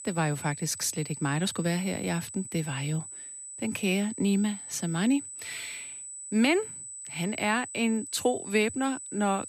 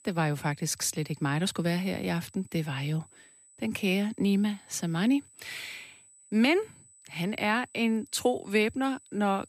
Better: second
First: high-pitched whine; loud; throughout; 8 kHz, 10 dB below the speech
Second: high-pitched whine; faint; throughout; 8 kHz, 25 dB below the speech

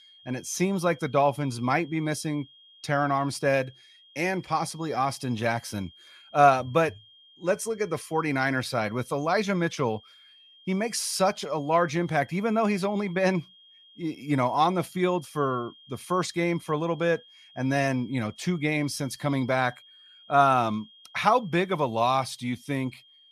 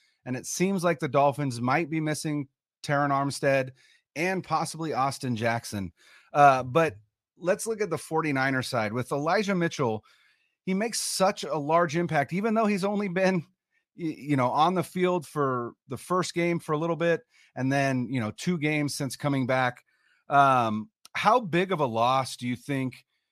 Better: second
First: high-pitched whine; faint; throughout; 3 kHz, 25 dB below the speech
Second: none

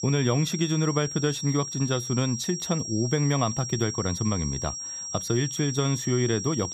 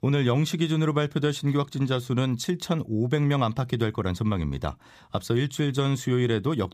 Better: second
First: high-pitched whine; loud; throughout; 5.5 kHz, 6 dB below the speech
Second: none

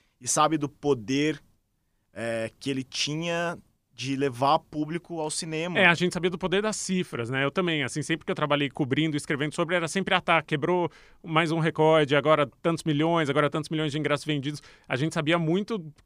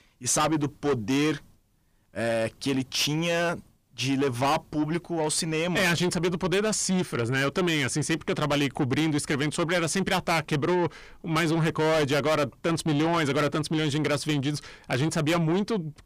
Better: first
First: none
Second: distortion; heavy; 6 dB below the speech

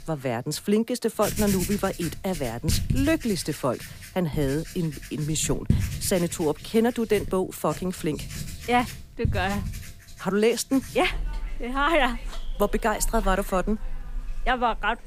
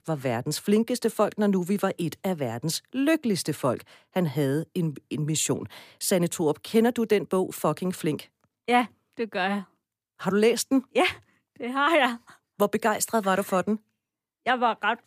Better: second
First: household noises; loud; throughout; 8 dB below the speech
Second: none

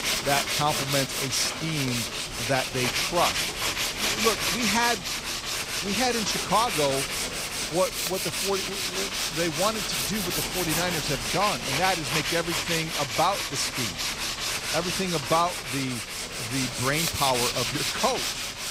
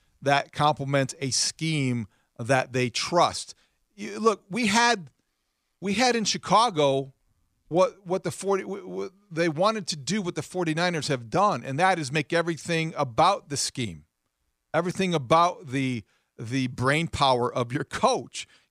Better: second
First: machinery noise; very loud; throughout; 1 dB above the speech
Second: none

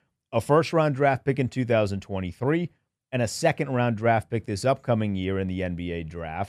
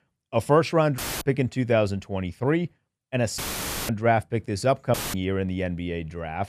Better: first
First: none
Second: audio cutting out; filled with static; at 1 s, at 3.5 s for 0.5 s and at 5 s

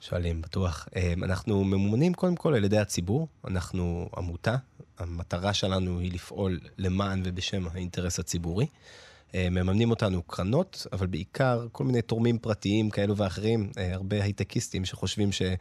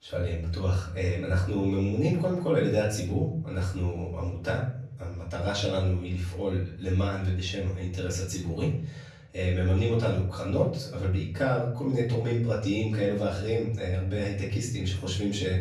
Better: first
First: none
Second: off-mic speech; far // room echo; noticeable; dies away in 0.6 s

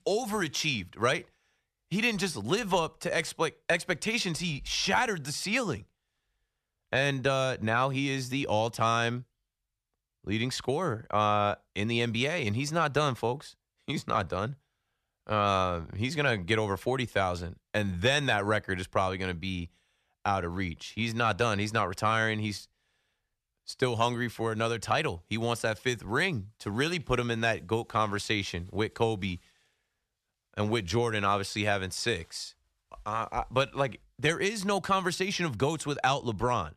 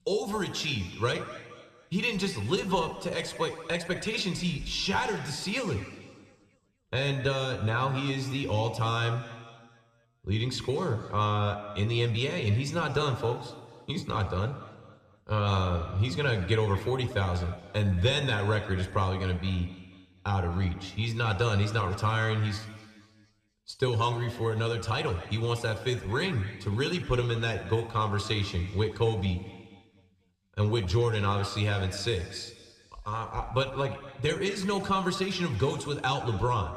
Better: first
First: none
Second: room echo; slight; dies away in 1.7 s

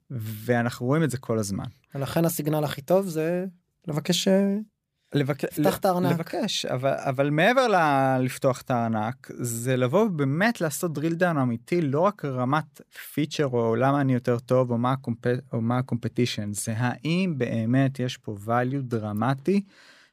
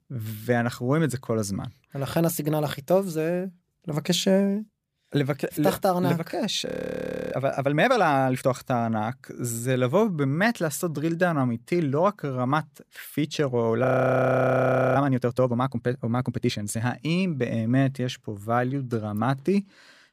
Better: first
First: none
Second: audio freezing; at 6.5 s for 0.5 s and at 14 s for 1 s

